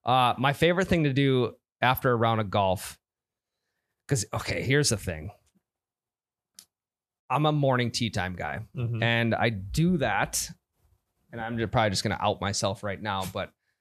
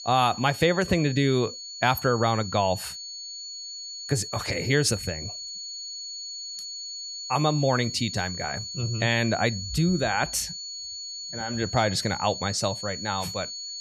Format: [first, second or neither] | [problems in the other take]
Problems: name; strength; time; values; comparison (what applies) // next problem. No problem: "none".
first | high-pitched whine; loud; throughout; 4.5 kHz, 8 dB below the speech